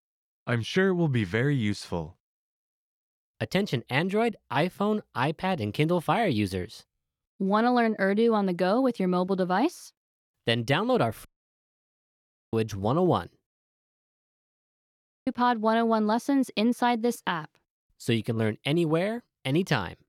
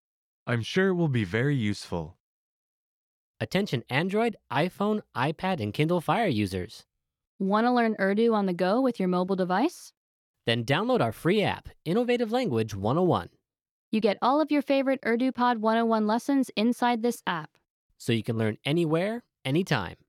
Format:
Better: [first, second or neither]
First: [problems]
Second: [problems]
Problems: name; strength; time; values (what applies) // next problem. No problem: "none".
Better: second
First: audio cutting out; at 11 s for 1.5 s and at 13 s for 2 s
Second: none